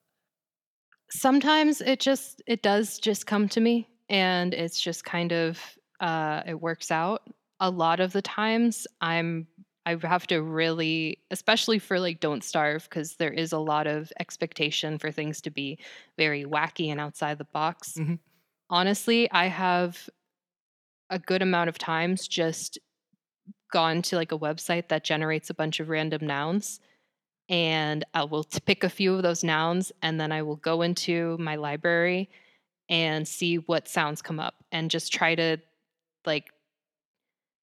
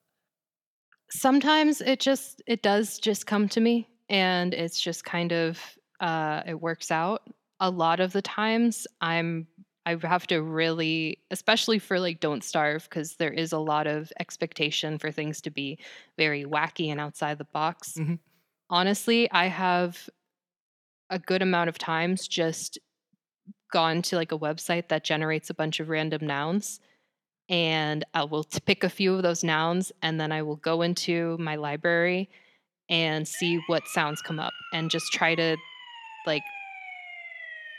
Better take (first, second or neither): first